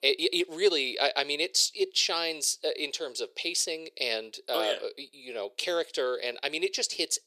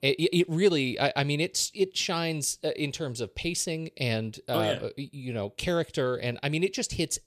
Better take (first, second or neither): second